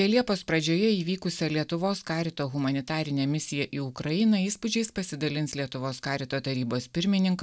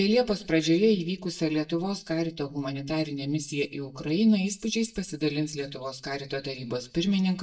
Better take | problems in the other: first | noise reduction (neural mask model DeepFilterNet 3)

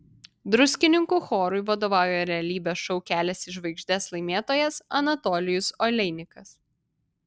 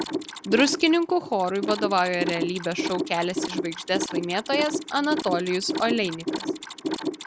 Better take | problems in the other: first | background sound (Mechanisms); 5 dB below the speech

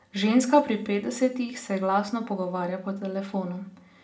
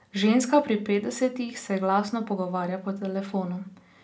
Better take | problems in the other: second | room echo; dies away in 0.5 s

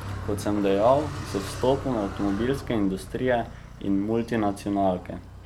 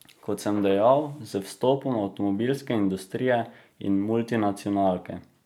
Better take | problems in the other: second | background sound (Car); 11 dB below the speech

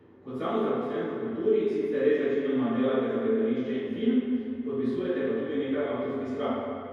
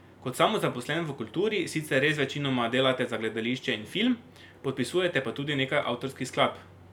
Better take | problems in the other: second | room echo; dies away in 2.2 s

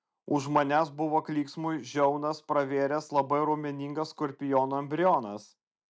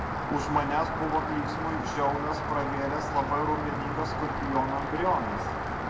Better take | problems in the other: first | background sound (Rain); 1 dB below the speech // room echo; dies away in 0.7 s

